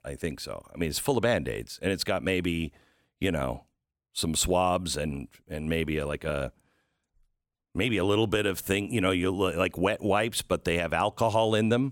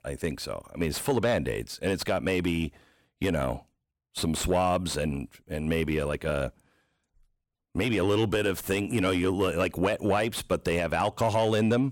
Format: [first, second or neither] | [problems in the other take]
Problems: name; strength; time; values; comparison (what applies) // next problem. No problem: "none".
first | distortion; slight; 10 dB below the speech